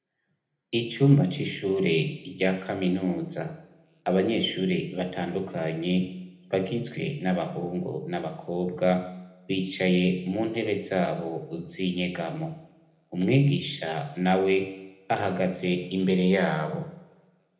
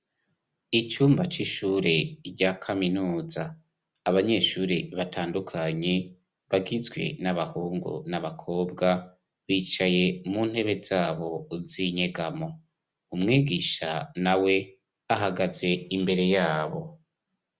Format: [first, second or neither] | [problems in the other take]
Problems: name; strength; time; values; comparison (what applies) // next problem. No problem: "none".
second | room echo; dies away in 0.7 s